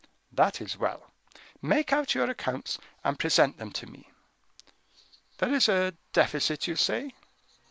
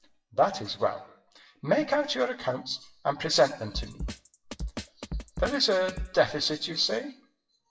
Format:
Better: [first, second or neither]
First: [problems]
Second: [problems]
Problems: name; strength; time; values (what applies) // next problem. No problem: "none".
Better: first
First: none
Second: noise reduction (classical method WPE with log-MMSE)